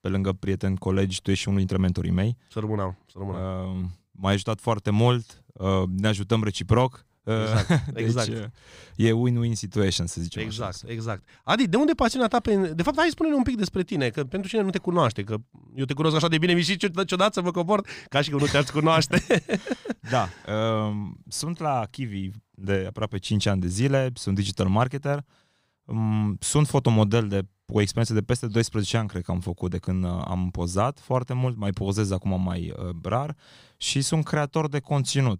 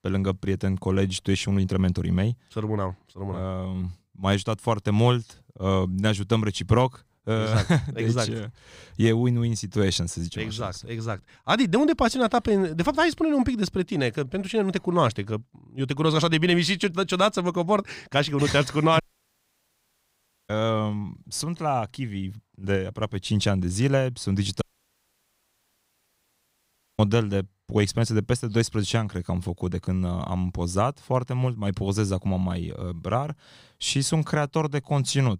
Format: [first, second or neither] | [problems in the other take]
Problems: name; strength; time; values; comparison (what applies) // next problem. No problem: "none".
first | audio cutting out; at 19 s for 1.5 s and at 25 s for 2.5 s